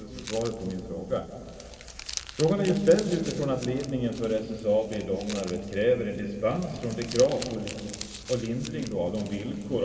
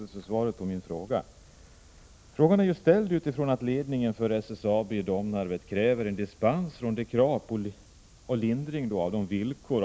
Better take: second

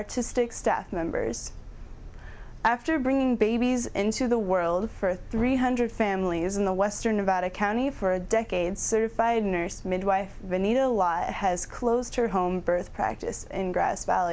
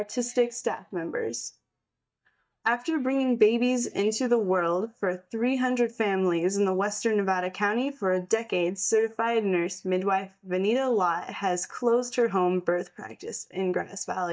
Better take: first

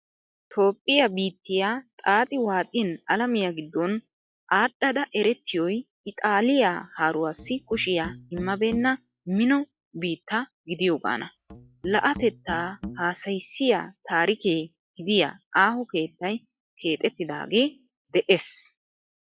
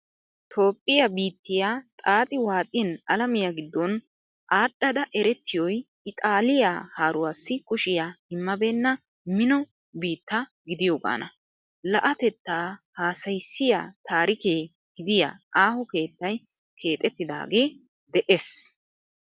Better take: second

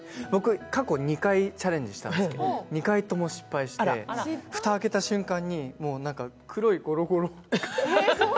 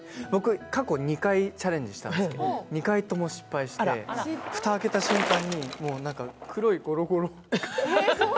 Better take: first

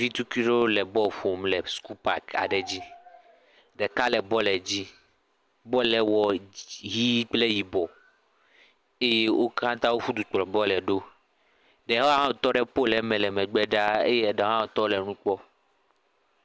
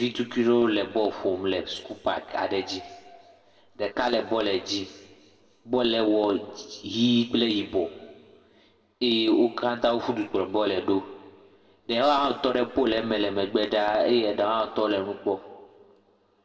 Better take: first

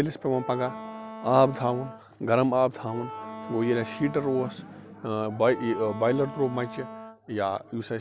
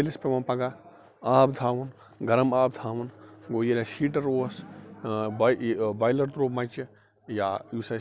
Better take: second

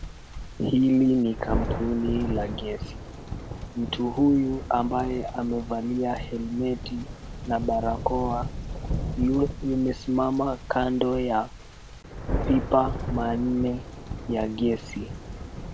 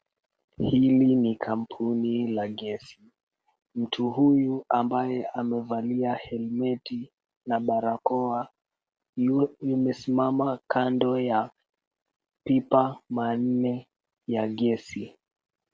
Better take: second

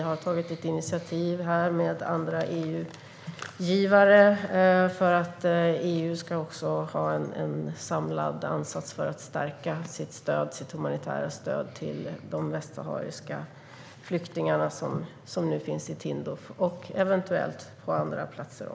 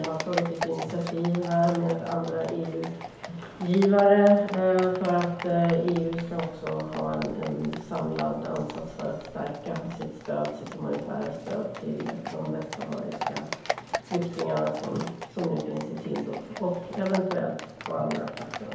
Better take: first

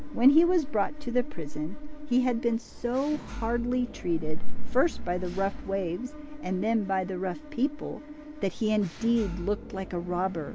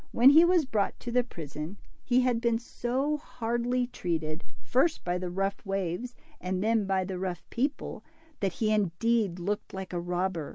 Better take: second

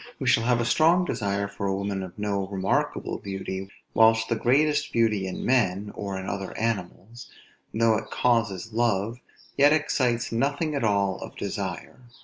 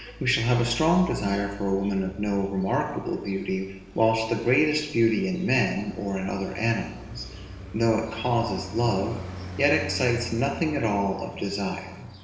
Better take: first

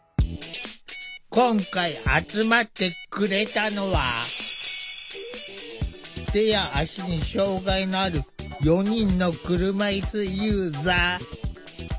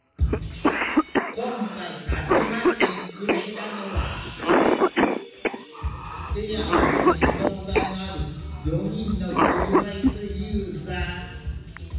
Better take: first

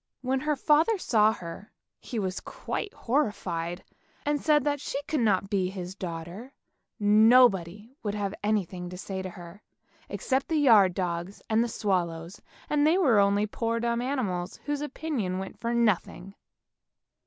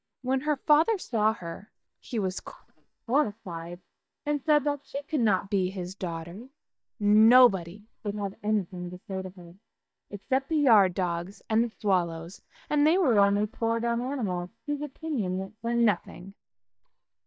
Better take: first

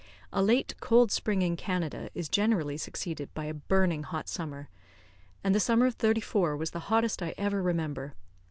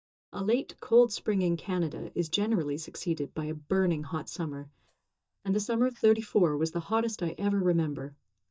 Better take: first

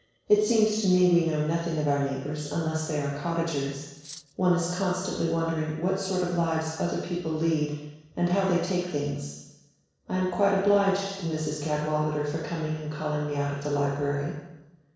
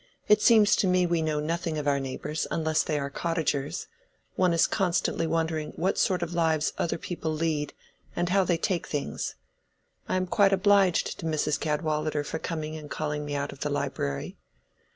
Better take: second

